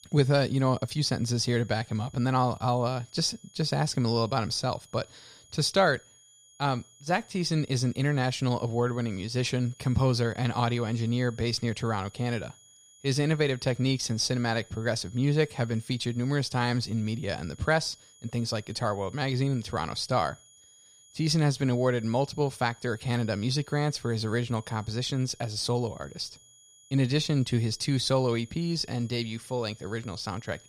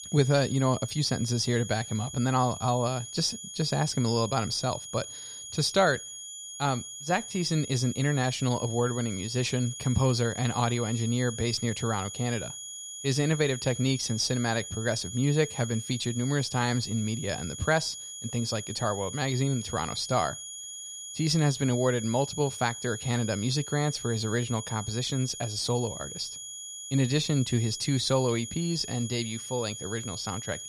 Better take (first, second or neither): first